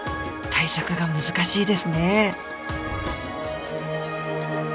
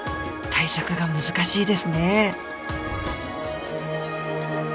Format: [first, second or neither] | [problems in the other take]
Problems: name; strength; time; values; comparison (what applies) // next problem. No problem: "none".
first | background sound (Drip / Sink (filling or washing) / Water tap, faucet); 20 dB below the speech